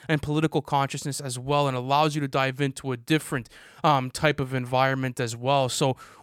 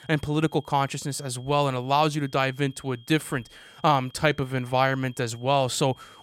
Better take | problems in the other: first | high-pitched whine; faint; throughout; 3 kHz, 25 dB below the speech

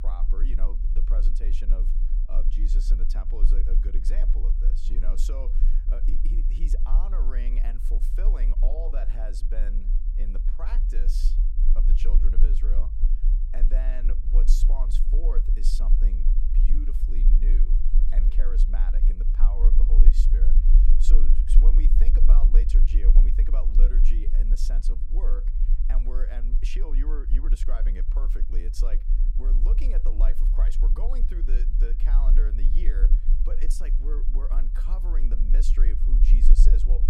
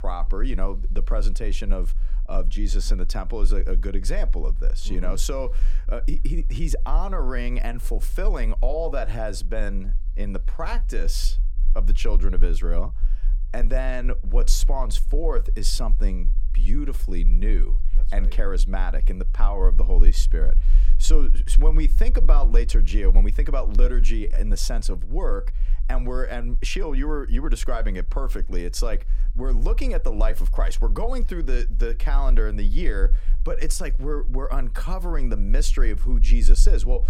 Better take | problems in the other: second | low rumble; loud; throughout; 5 dB below the speech; faint in the second

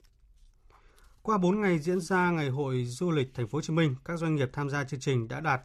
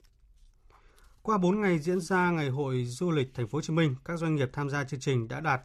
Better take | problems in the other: neither | none

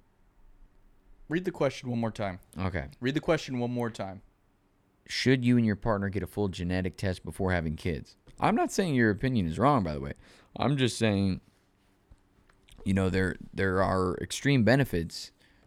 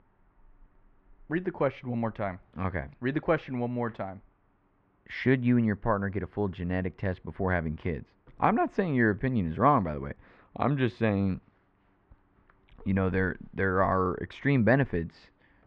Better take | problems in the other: first | muffled; very; fading above 2.5 kHz

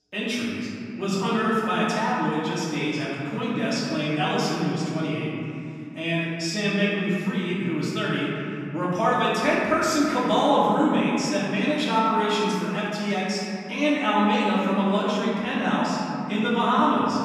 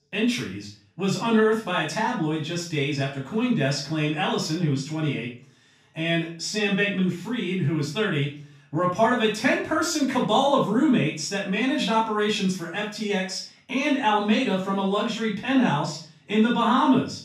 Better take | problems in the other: second | room echo; strong; dies away in 2.5 s; slight in the second // off-mic speech; far; far in the second

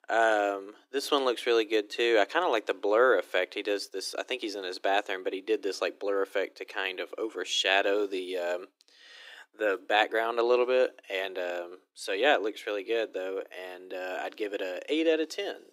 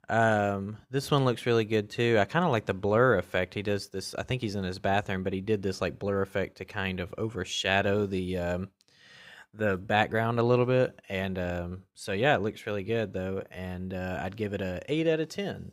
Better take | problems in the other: second | thin; very; fading below 300 Hz

